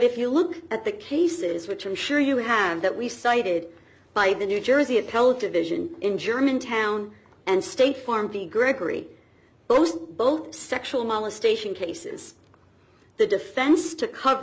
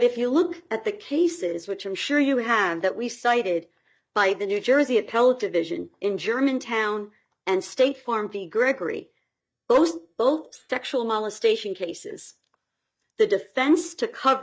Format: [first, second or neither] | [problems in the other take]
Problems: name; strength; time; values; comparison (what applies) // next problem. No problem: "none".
first | noise reduction (neural mask model DeepFilterNet 3)